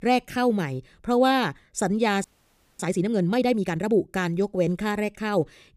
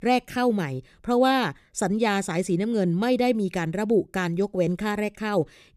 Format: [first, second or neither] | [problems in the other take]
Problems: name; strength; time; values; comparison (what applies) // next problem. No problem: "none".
second | audio freezing; at 2 s for 0.5 s